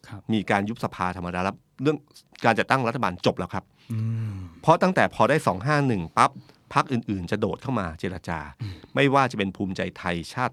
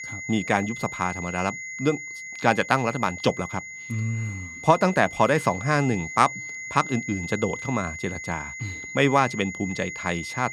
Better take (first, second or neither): first